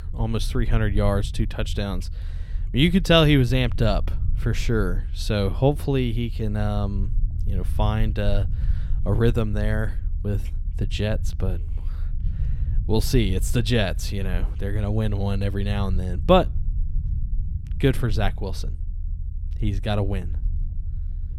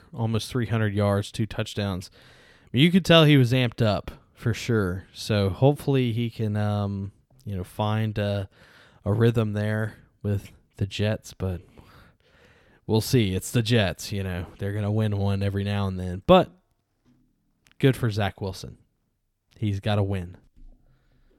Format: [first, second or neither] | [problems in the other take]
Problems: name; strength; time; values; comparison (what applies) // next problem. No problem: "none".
second | low rumble; faint; throughout; 20 dB below the speech